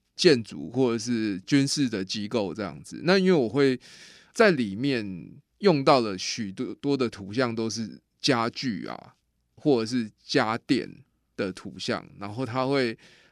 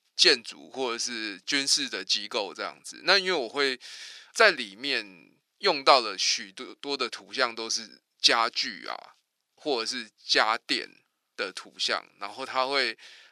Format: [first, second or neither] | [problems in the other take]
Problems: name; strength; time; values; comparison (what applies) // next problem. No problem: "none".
first | thin; very; fading below 750 Hz